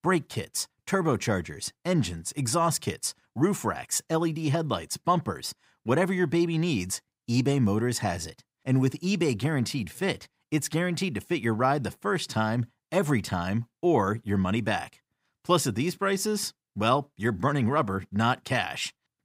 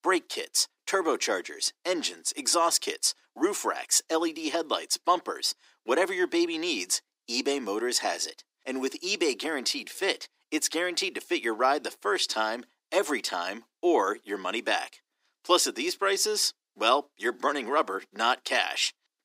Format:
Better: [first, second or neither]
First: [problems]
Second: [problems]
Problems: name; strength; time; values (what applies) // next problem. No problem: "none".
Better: first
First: none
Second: thin; very; fading below 300 Hz